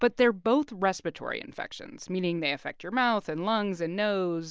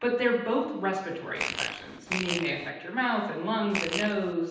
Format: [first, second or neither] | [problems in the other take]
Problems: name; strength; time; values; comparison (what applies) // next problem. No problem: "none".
first | background sound (Fart); 5 dB below the speech // room echo; dies away in 0.9 s